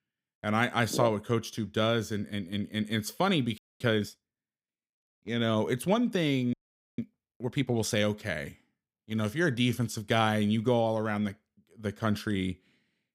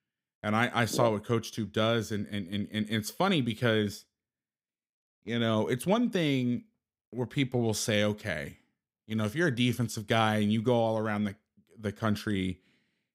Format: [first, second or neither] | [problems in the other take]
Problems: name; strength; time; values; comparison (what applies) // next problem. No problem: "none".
second | audio freezing; at 3.5 s and at 6.5 s